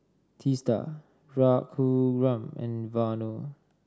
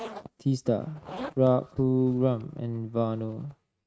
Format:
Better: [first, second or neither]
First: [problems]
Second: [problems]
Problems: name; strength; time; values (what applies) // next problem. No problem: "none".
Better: first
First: none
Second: noise reduction (neural mask model RNNoise)